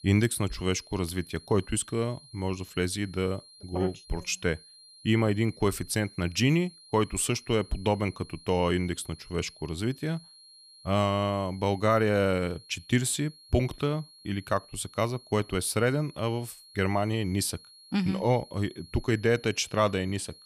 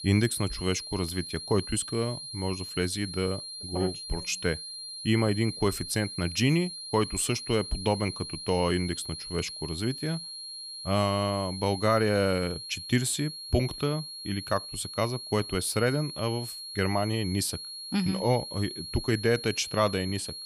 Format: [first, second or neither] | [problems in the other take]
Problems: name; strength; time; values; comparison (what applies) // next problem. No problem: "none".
first | high-pitched whine; loud; throughout; 4 kHz, 8 dB below the speech; faint in the first